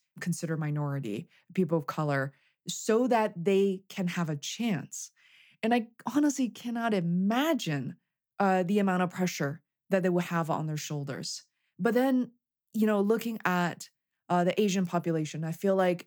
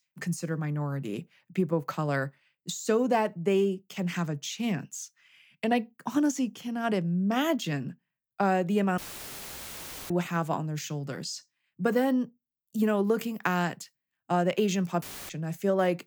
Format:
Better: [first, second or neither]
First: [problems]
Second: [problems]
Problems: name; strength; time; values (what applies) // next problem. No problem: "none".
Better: first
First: none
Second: audio cutting out; filled with static; at 9 s for 1 s and at 15 s